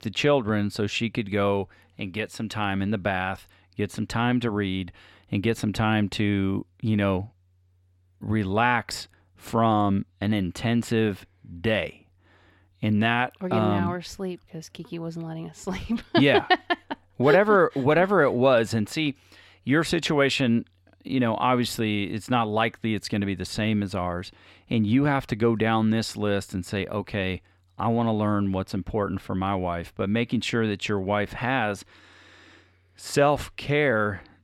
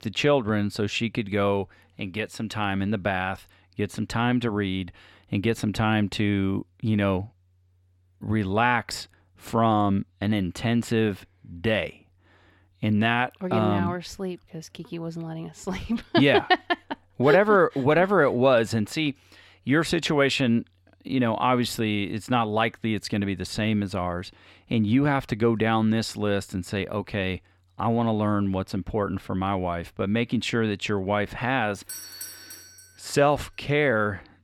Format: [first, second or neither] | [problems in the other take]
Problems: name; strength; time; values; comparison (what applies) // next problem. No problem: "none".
first | doorbell; noticeable; at 32 s; peak 10 dB below the speech